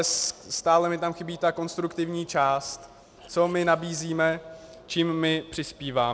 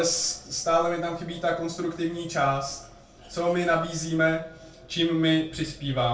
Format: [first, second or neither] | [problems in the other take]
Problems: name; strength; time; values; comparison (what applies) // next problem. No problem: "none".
first | room echo; dies away in 0.3 s